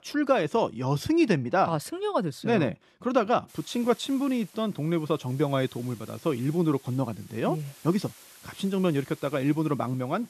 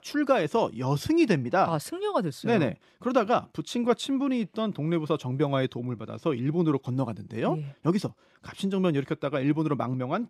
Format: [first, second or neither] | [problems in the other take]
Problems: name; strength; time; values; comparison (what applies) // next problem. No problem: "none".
second | hiss; faint; from 3.5 s on; 25 dB below the speech